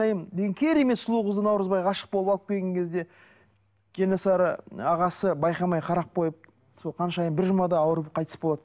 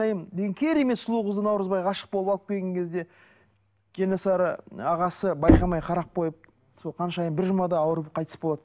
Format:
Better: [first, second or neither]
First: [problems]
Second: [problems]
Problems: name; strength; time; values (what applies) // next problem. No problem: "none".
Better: first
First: none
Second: background sound (Knock); as loud as the speech